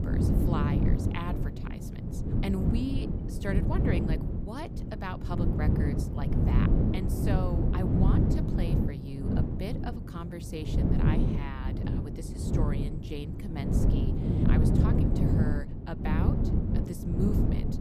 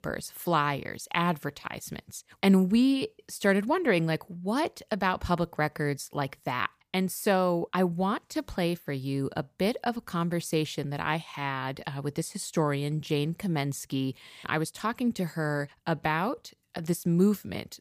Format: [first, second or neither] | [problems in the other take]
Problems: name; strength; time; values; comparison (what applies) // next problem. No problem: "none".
second | wind noise on the microphone; heavy; 3 dB above the speech